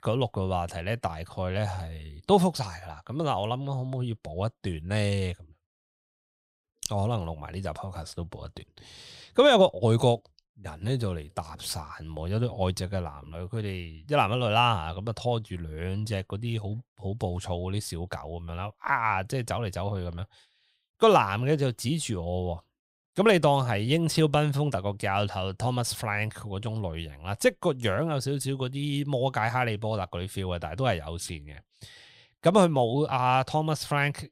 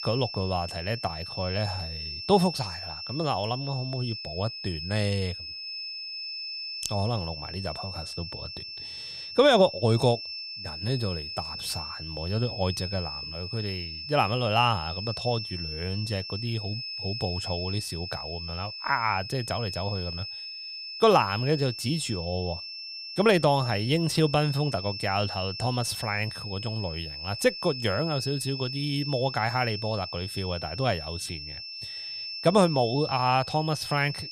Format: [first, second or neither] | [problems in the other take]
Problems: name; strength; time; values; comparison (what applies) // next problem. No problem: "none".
first | high-pitched whine; loud; throughout; 5.5 kHz, 7 dB below the speech